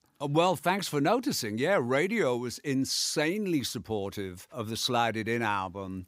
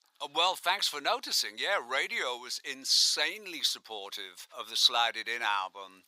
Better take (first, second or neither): first